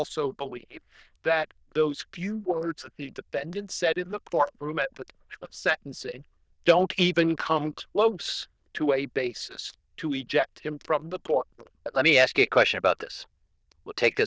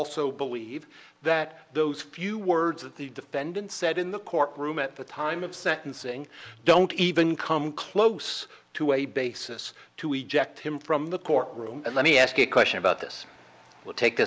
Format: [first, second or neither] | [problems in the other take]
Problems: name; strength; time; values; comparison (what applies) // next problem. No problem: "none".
second | noise reduction (neural diffusion model UNIVERSE++)